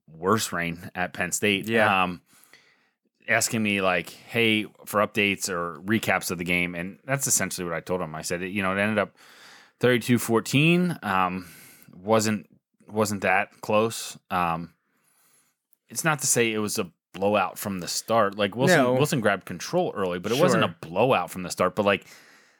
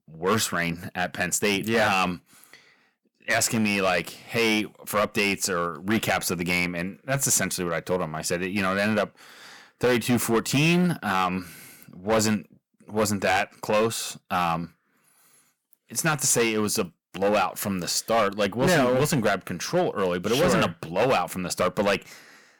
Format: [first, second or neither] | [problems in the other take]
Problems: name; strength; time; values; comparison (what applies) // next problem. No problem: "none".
first | distortion; heavy; 7% of the sound clipped